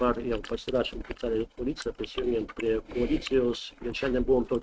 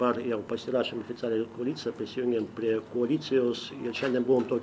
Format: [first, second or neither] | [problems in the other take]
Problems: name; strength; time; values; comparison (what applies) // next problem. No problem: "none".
second | noise reduction (neural mask model RNNoise)